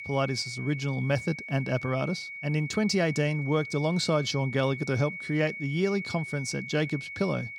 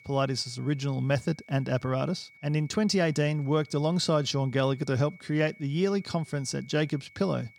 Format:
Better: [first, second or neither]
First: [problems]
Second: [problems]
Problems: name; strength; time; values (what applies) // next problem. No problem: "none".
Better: second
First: high-pitched whine; loud; throughout; 2 kHz, 9 dB below the speech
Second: high-pitched whine; faint; throughout; 2 kHz, 25 dB below the speech